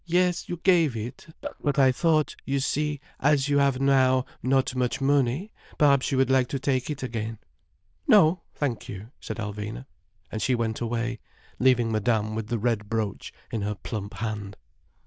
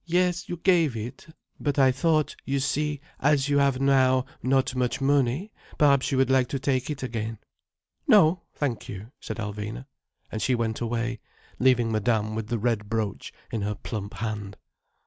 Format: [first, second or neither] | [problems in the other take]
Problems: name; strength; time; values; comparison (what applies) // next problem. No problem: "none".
second | noise reduction (neural diffusion model UNIVERSE++)